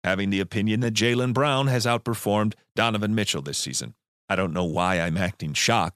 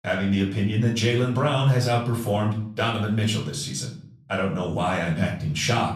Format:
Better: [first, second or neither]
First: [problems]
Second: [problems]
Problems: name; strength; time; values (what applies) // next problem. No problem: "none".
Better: first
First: none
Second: off-mic speech; far // room echo; slight; dies away in 0.6 s